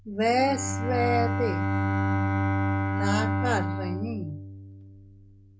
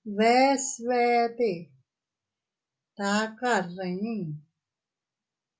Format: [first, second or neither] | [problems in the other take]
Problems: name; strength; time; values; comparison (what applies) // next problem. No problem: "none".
second | background sound (Bowed string instrument); 2 dB above the speech